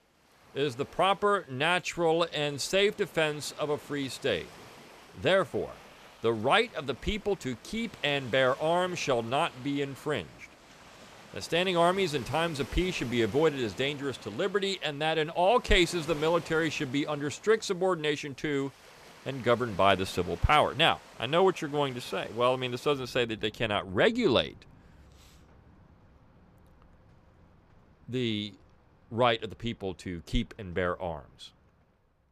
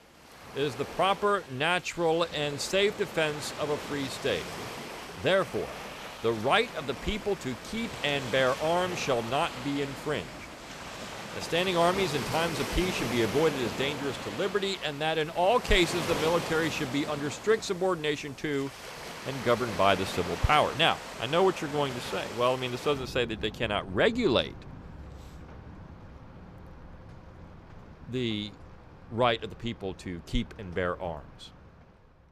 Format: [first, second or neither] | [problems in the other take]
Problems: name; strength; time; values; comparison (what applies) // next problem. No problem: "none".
first | rain or running water; loud; throughout; 10 dB below the speech; faint in the first